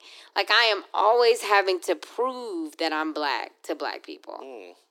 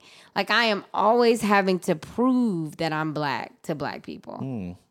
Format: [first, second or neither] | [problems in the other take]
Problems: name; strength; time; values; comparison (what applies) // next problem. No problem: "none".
second | thin; very; fading below 300 Hz